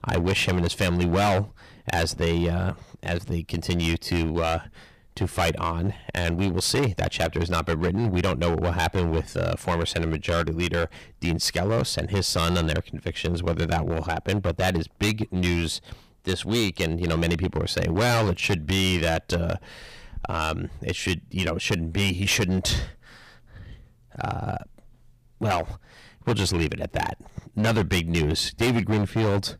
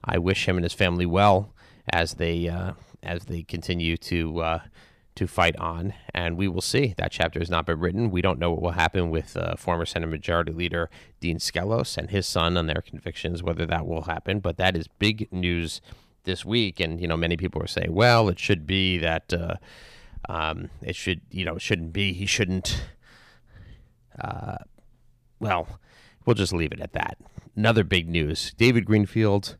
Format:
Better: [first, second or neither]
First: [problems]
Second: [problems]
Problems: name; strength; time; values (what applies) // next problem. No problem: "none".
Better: second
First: distortion; heavy; 11% of the sound clipped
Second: none